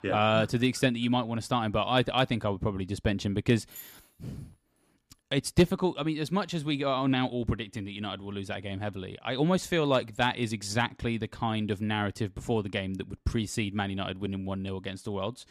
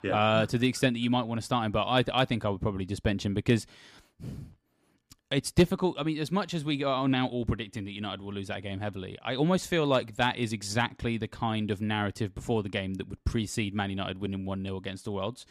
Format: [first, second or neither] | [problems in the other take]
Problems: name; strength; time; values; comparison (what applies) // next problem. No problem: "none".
second | jangling keys; faint; at 3.5 s; peak 15 dB below the speech